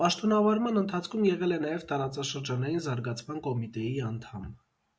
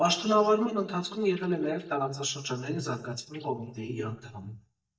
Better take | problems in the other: first | noise reduction (neural mask model DeepFilterNet 3)

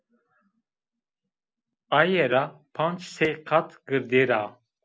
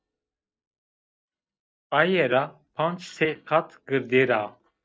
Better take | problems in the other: first | noise reduction (neural mask model DeepFilterNet 3)

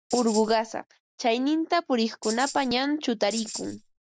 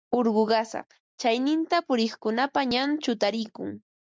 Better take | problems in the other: second | background sound (Tambourine); 11 dB below the speech

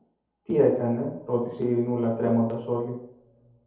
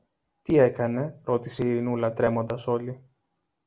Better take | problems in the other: second | room echo; dies away in 2.1 s

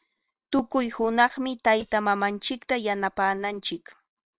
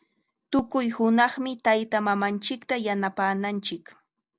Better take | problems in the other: second | noise reduction (neural separator model SepFormer WHAM!)

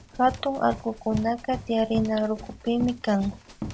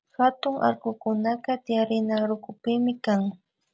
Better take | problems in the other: second | background sound (Run); 12 dB below the speech

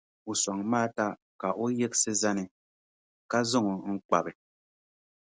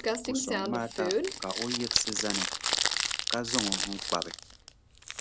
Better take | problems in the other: first | background sound (Crumpling, crinkling); 4 dB above the speech

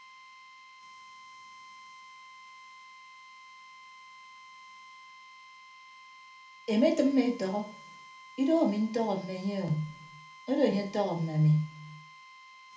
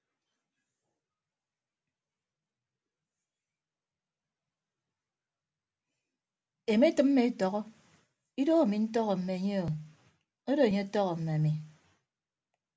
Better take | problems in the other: second | background sound (Drill); 19 dB below the speech // room echo; dies away in 0.4 s

